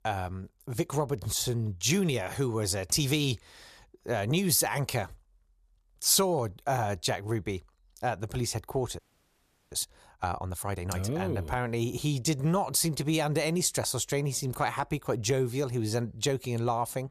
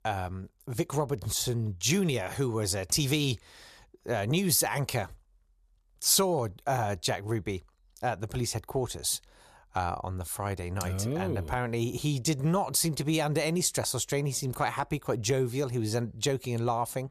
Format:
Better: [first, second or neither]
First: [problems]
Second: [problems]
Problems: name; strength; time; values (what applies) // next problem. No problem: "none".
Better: second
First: audio freezing; at 9 s for 0.5 s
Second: none